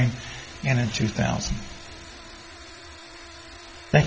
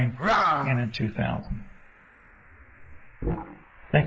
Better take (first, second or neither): first